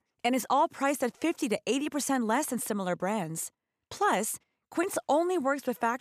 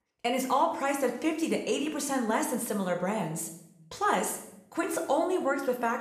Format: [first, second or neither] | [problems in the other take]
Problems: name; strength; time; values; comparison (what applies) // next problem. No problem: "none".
first | room echo; slight; dies away in 0.7 s